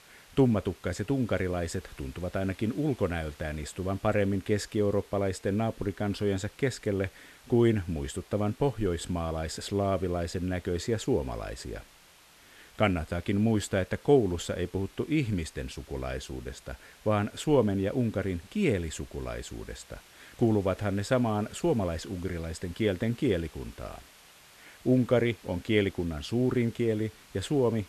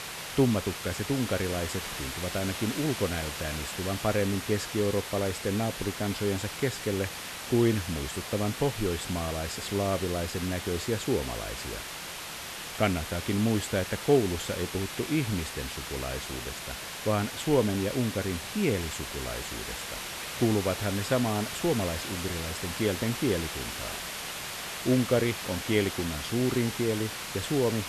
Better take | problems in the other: first | hiss; loud; throughout; 5 dB below the speech; faint in the first

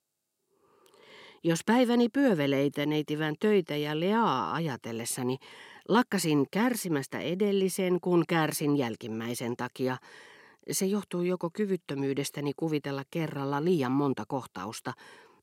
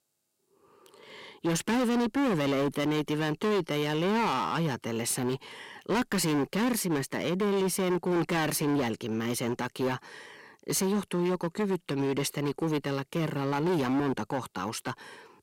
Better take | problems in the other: first | distortion; heavy; 19% of the sound clipped

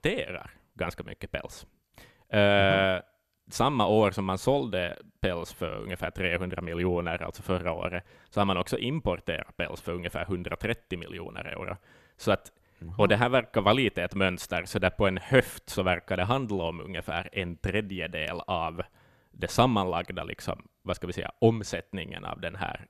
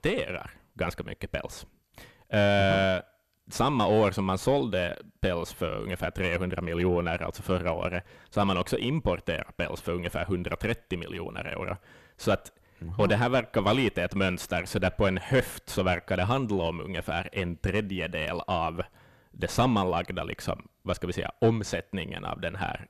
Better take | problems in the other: first | distortion; slight; 10 dB below the speech

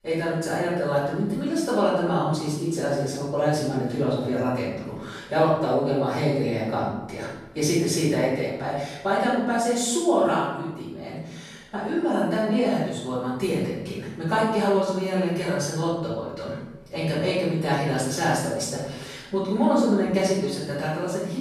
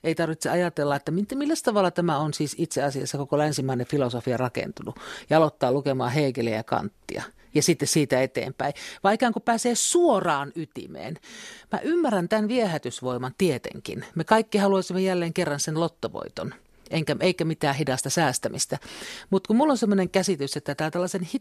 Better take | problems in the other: second | off-mic speech; far // room echo; strong; dies away in 0.9 s

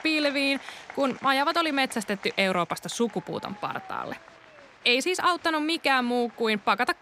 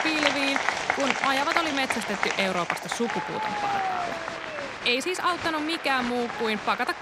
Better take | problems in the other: first | crowd noise; loud; throughout; 2 dB below the speech; faint in the first

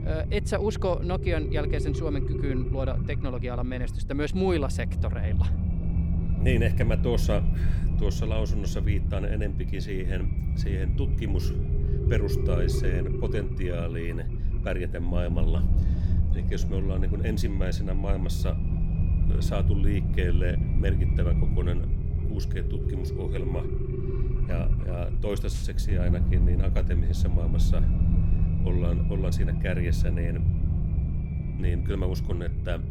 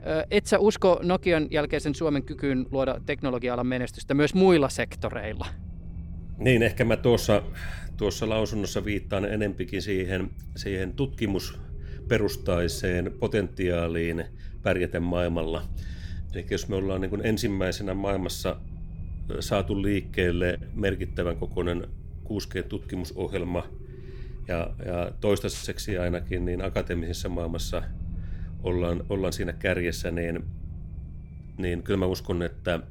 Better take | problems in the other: second | low rumble; loud; throughout; 5 dB below the speech; faint in the second

